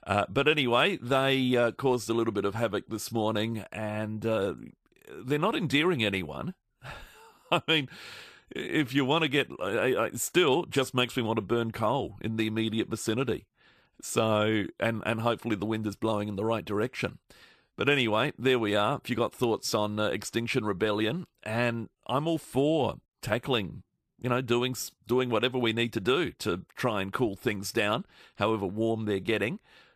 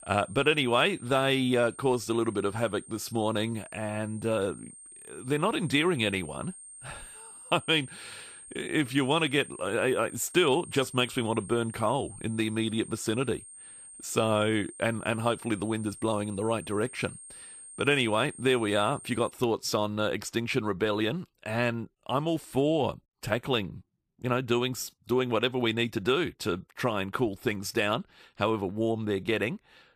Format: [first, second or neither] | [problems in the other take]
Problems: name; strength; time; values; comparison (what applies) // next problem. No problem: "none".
first | high-pitched whine; noticeable; until 19 s; 8.5 kHz, 15 dB below the speech